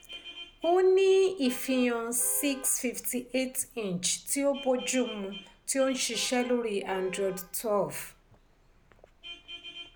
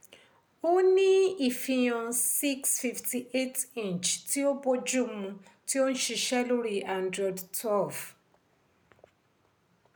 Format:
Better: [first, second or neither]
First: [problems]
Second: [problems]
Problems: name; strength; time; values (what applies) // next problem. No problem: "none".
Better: second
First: background sound (Vehicle horn, car horn, honking); 18 dB below the speech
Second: none